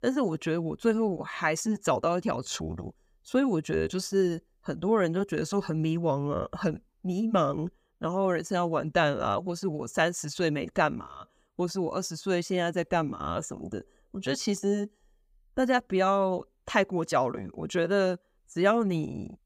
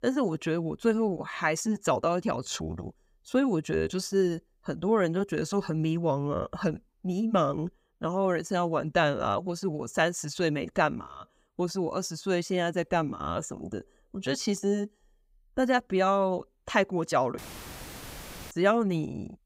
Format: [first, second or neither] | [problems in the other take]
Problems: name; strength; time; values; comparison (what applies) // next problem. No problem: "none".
first | audio cutting out; filled with static; at 17 s for 1 s